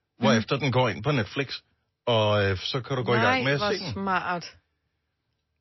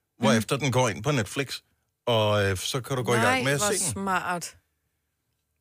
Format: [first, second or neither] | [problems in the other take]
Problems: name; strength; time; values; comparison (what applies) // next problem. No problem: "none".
second | garbled, watery; slightly; nothing above 5.5 kHz